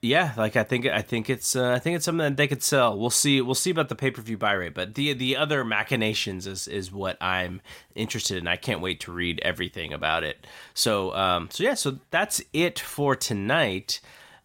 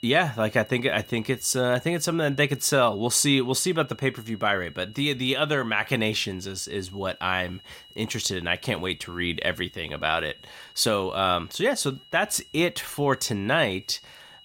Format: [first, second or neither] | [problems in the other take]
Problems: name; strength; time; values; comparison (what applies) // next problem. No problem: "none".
first | high-pitched whine; faint; throughout; 3 kHz, 25 dB below the speech